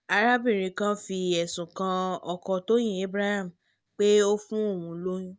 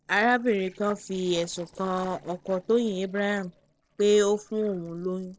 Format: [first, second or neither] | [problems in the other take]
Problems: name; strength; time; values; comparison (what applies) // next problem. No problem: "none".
first | noise reduction (neural separator model SepFormer DNS4)